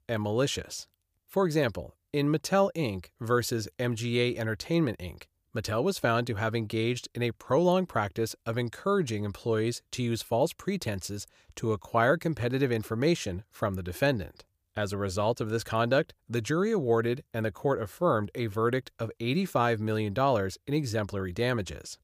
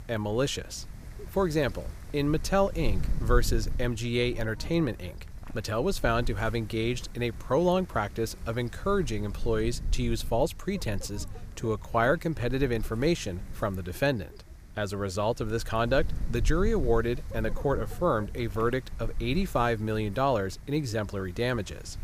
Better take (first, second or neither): first